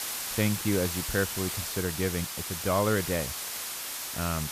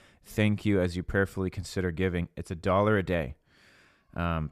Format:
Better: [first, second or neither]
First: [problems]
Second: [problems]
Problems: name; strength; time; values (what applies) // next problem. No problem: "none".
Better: second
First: hiss; loud; throughout; 2 dB below the speech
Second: none